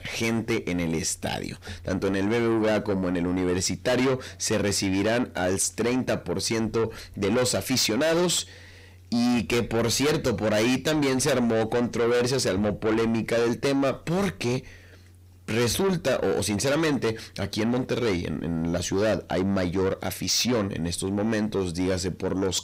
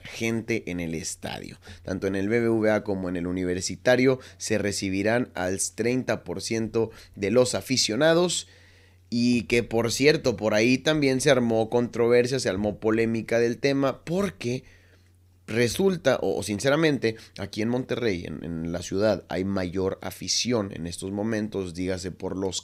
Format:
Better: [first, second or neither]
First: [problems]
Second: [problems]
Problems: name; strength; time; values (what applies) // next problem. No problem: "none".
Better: second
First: distortion; heavy; 6 dB below the speech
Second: none